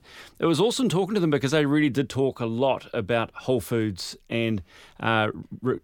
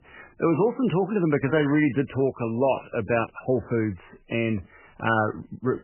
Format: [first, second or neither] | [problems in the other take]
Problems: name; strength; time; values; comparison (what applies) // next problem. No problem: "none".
first | garbled, watery; badly; nothing above 3 kHz